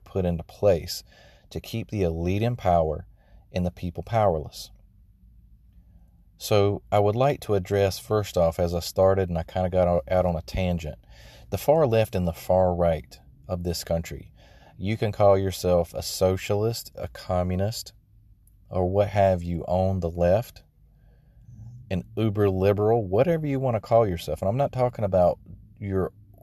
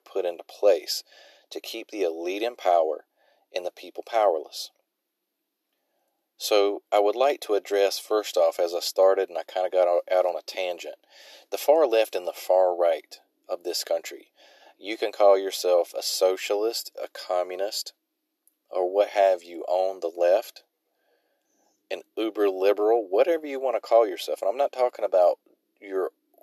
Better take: first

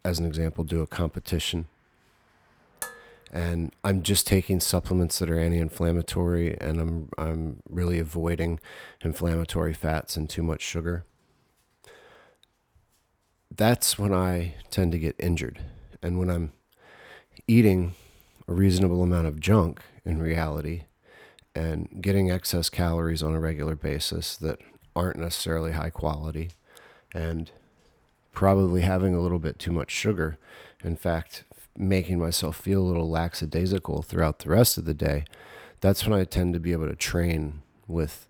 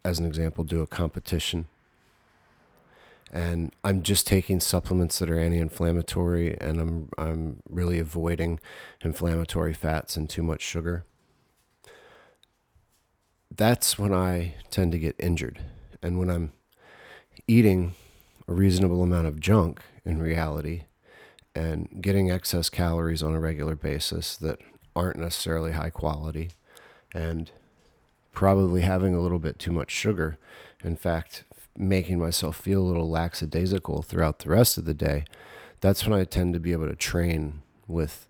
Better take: second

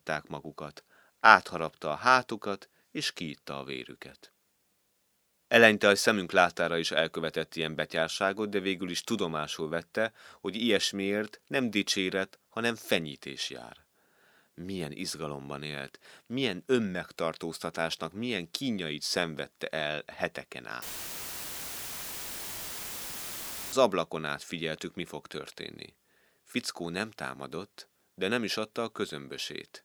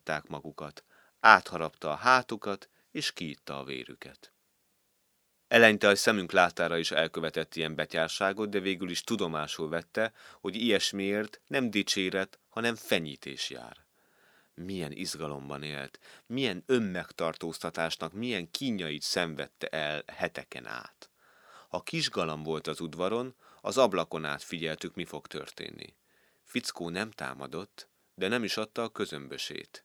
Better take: second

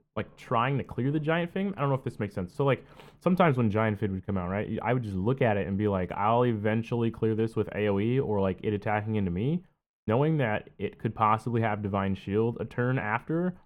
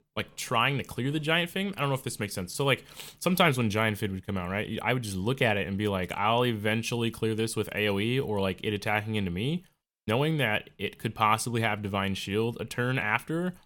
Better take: second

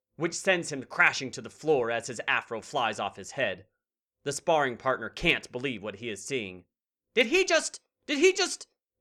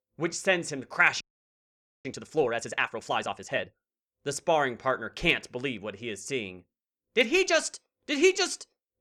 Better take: first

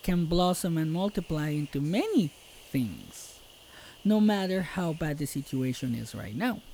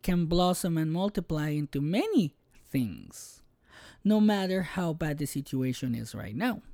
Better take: second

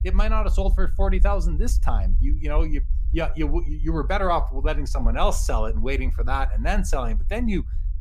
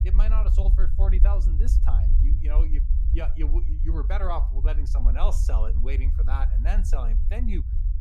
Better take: first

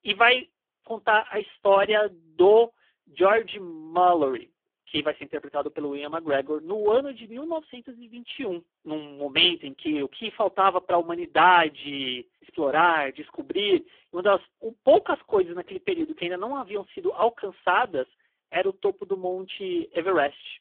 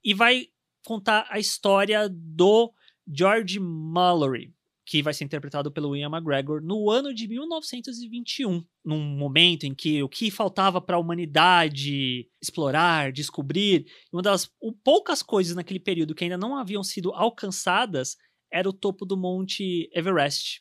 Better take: second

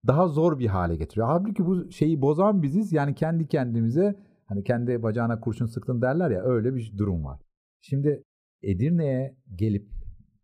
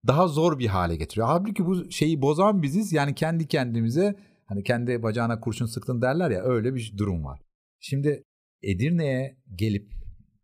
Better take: second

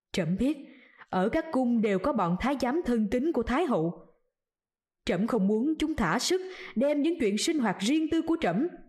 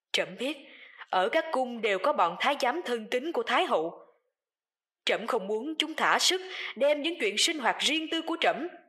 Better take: first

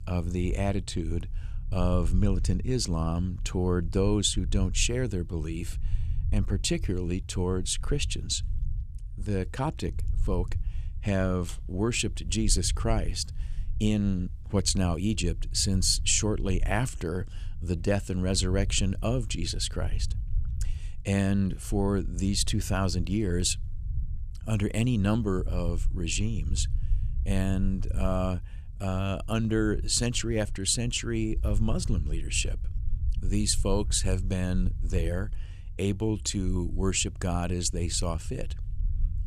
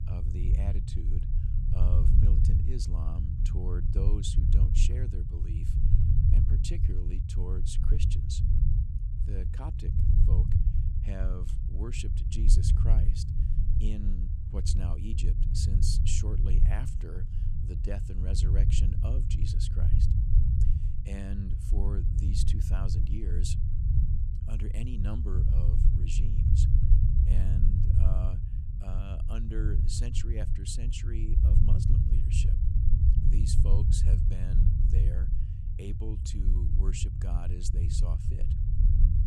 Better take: first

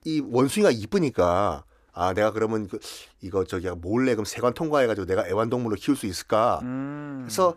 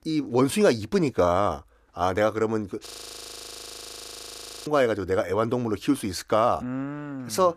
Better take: first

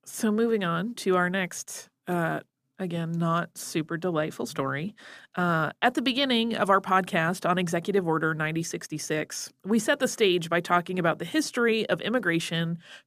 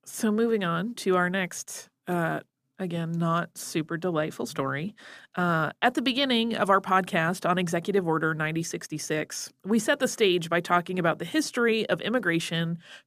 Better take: neither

